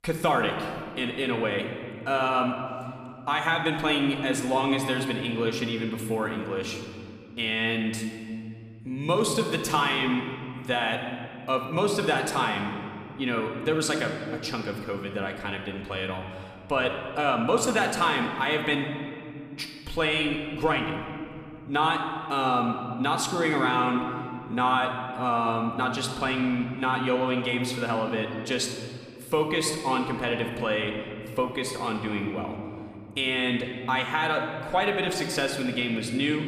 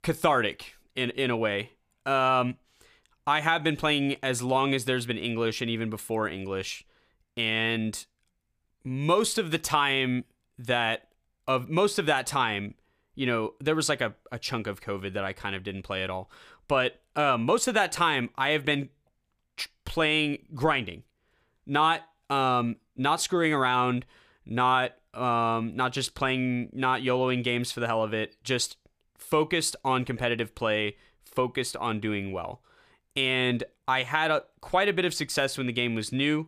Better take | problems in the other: second | room echo; slight; dies away in 2.3 s

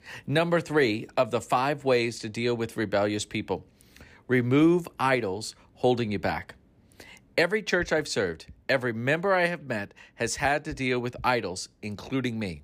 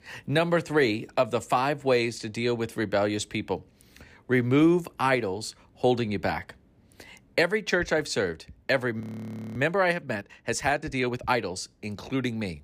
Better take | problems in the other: first | audio freezing; at 9 s for 0.5 s

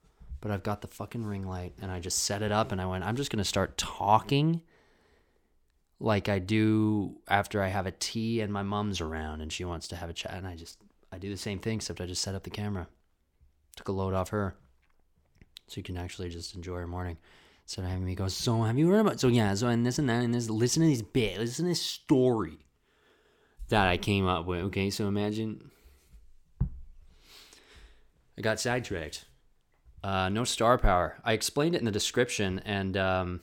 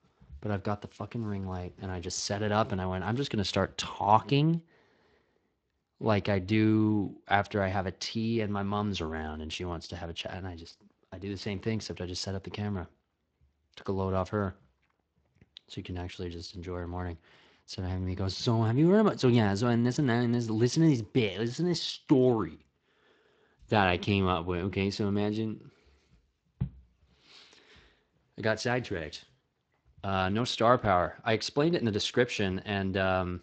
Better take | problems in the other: first | garbled, watery; slightly; nothing above 7.5 kHz

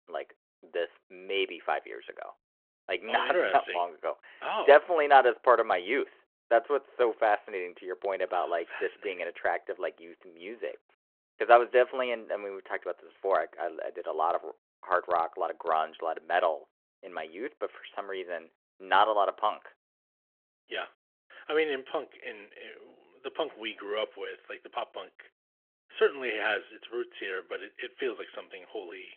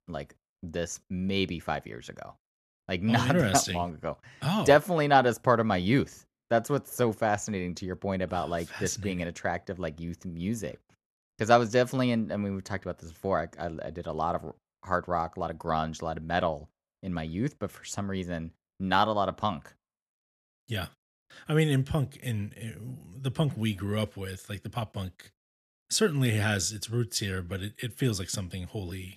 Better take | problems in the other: second | phone-call audio

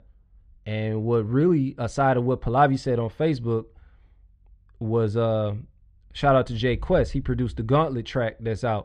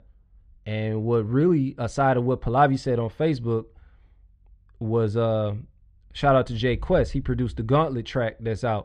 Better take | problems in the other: neither | muffled; slightly; fading above 3 kHz; the same in both

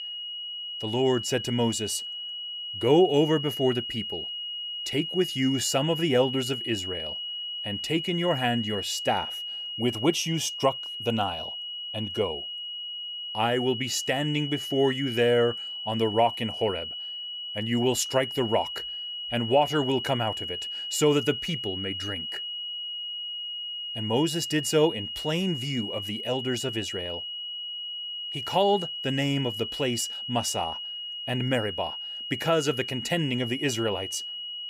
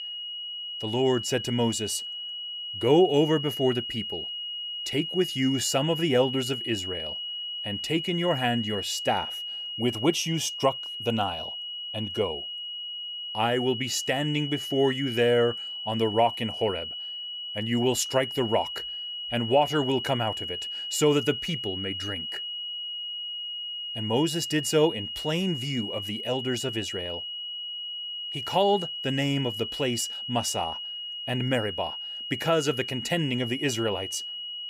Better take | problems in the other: neither | high-pitched whine; loud; throughout; 3 kHz, 5 dB below the speech; the same in both

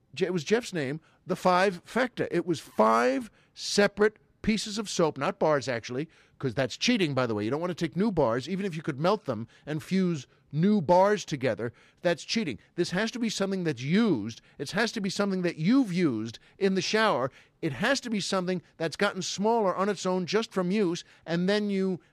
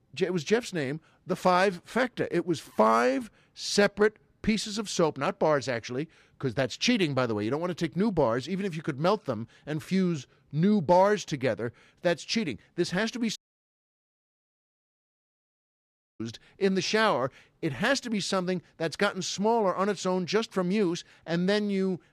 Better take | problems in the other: first | audio cutting out; at 13 s for 3 s

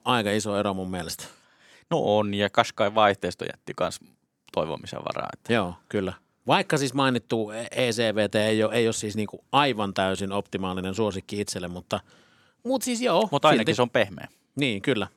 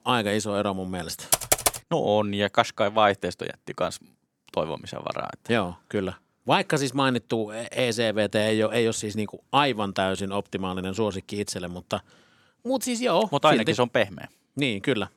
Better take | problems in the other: first | keyboard typing; loud; at 1.5 s; peak 5 dB above the speech

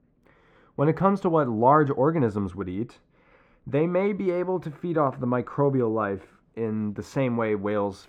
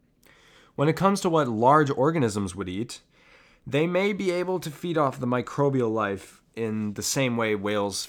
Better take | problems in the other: second | muffled; very; fading above 3 kHz

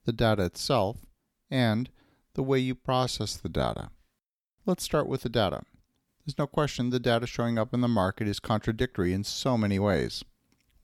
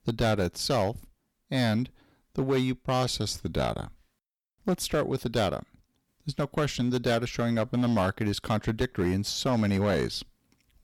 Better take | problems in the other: first | distortion; slight; 7% of the sound clipped

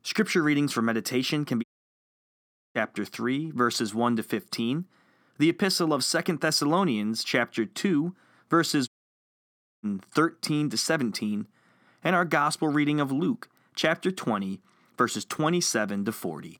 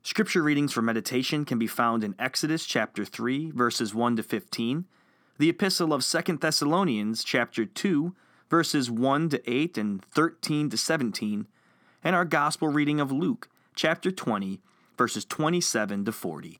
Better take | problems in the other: second | audio cutting out; at 1.5 s for 1 s and at 9 s for 1 s

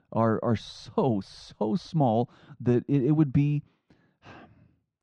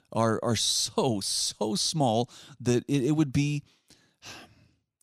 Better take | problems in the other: second | muffled; very; fading above 1.5 kHz

